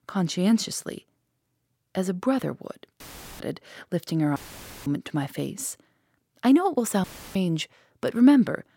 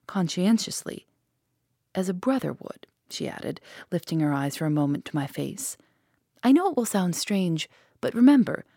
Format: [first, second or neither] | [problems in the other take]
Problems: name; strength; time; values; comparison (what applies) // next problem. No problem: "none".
second | audio cutting out; filled with static; at 3 s, at 4.5 s for 0.5 s and at 7 s